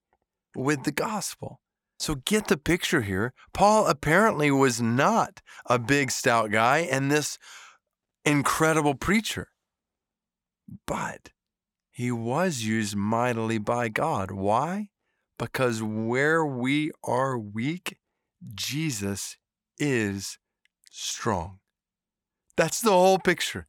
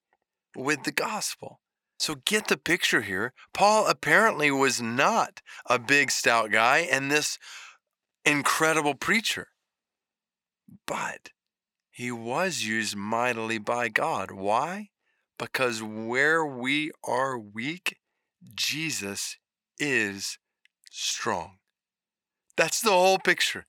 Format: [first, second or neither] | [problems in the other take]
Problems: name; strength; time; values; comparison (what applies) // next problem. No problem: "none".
first | thin; very slightly; fading below 400 Hz